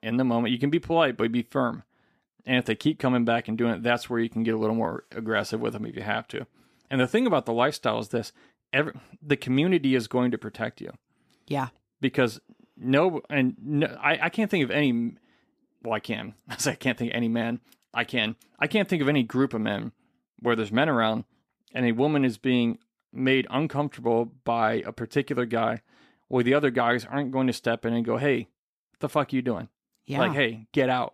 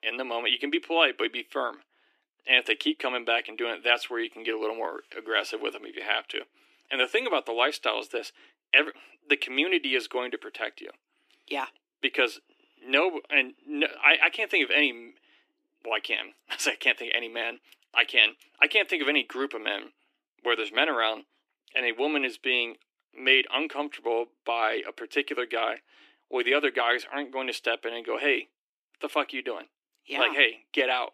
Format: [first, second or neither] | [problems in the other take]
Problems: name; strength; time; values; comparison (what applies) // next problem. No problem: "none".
first | thin; somewhat; fading below 300 Hz